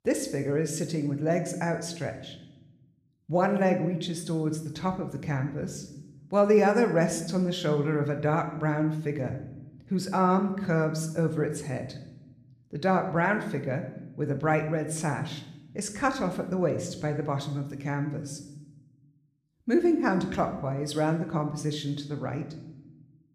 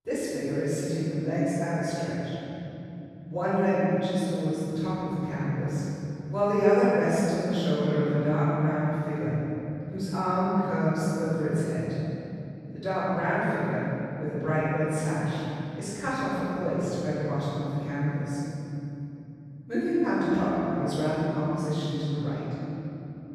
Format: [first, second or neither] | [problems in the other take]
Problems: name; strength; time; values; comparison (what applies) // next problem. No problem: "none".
first | room echo; strong; dies away in 3 s; slight in the first // off-mic speech; far